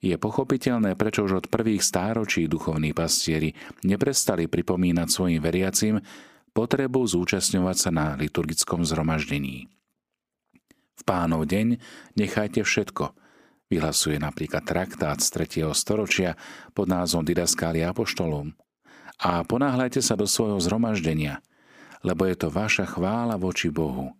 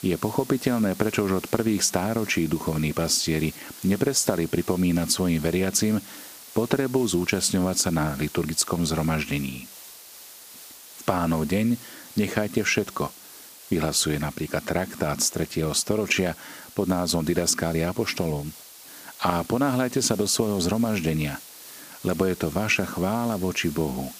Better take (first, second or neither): first